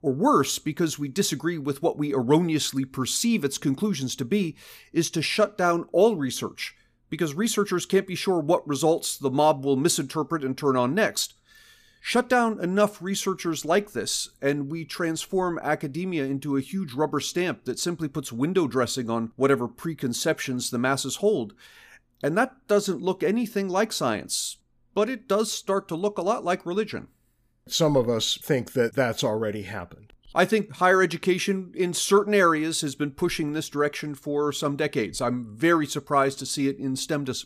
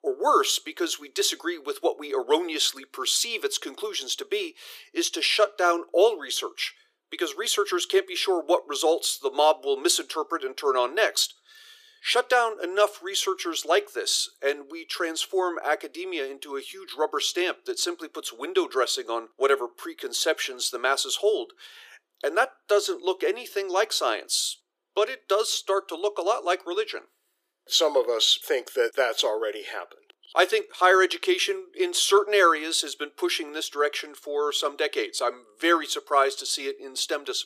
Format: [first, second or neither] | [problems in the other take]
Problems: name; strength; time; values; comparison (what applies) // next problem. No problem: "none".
first | thin; very; fading below 350 Hz